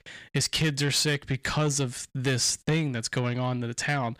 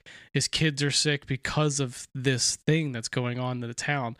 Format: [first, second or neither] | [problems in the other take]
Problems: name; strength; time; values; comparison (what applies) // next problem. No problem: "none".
second | distortion; slight; 10 dB below the speech